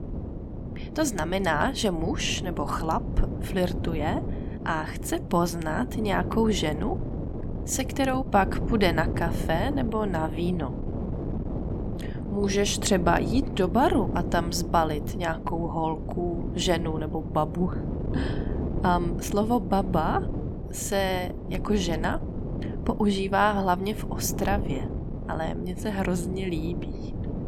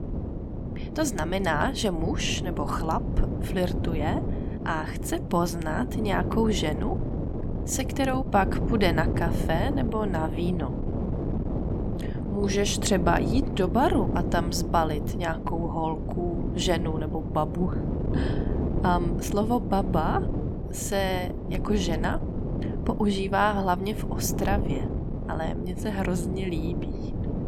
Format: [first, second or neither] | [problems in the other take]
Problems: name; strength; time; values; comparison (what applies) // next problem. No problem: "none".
first | wind noise on the microphone; heavy; 8 dB below the speech; occasional gusts in the first